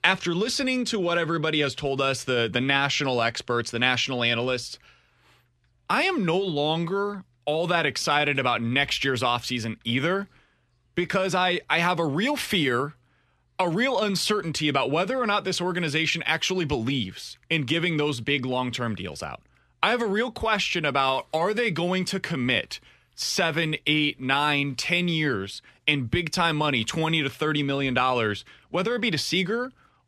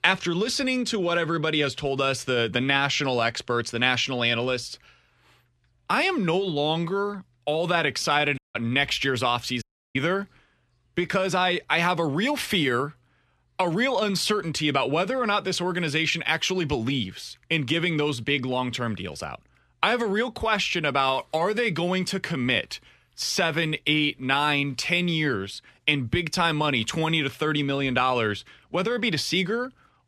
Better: first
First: none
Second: audio cutting out; at 8.5 s and at 9.5 s

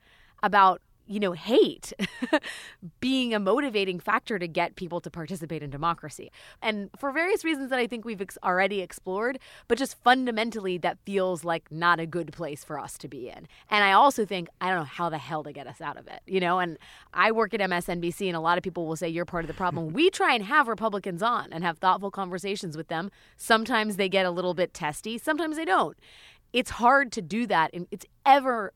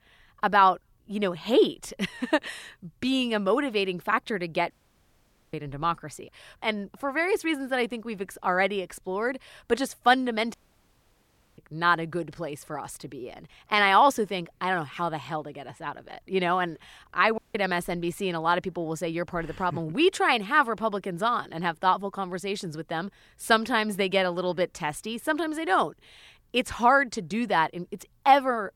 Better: first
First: none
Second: audio cutting out; at 4.5 s for 1 s, at 11 s for 1 s and at 17 s

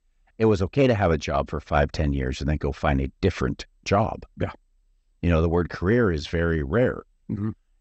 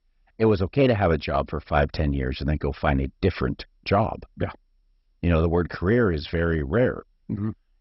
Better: first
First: garbled, watery; slightly; nothing above 7 kHz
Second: garbled, watery; badly; nothing above 5.5 kHz

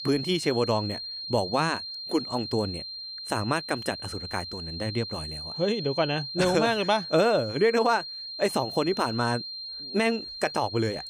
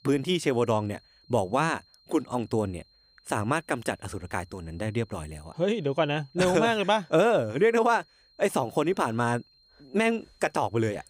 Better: second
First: high-pitched whine; loud; throughout; 4 kHz, 7 dB below the speech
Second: high-pitched whine; faint; throughout; 4 kHz, 30 dB below the speech

